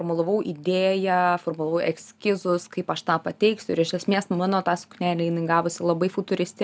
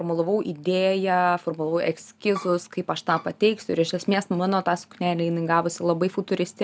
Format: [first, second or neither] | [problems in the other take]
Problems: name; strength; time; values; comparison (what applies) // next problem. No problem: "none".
first | background sound (Bowed string instrument); 14 dB below the speech